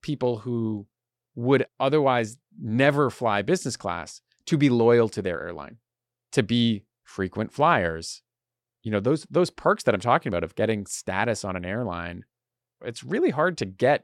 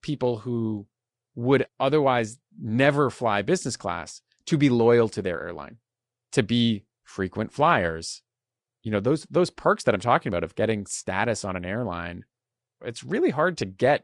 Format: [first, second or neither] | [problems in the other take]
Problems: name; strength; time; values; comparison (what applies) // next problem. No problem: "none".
first | garbled, watery; slightly; nothing above 10 kHz